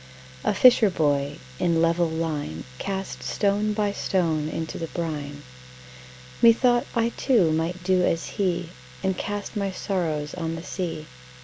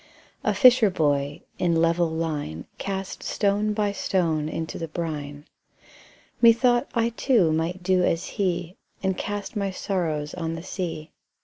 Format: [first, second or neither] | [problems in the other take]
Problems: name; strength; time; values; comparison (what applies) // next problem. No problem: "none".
second | background sound (Domestic sounds, home sounds); 20 dB below the speech